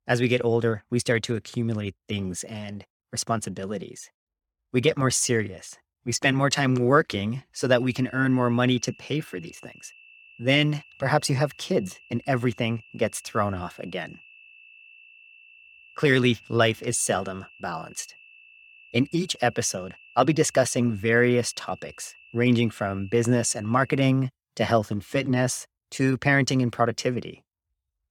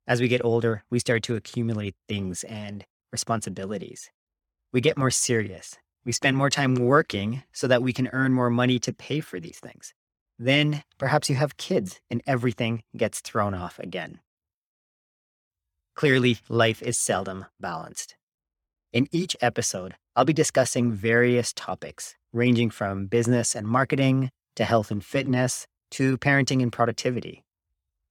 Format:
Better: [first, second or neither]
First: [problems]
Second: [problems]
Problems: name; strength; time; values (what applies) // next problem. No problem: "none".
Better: second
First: high-pitched whine; faint; from 7.5 to 24 s; 2.5 kHz, 25 dB below the speech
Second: none